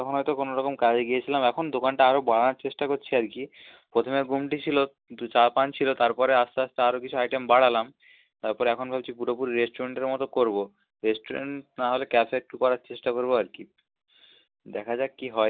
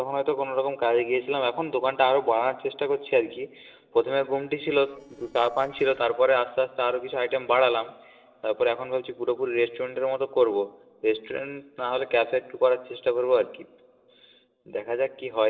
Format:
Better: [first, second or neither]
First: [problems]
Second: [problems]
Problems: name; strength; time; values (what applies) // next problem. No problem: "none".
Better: first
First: none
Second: noise reduction (neural separator model SepFormer DNS4)